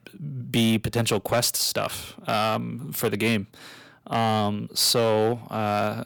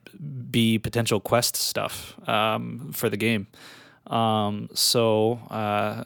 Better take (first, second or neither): second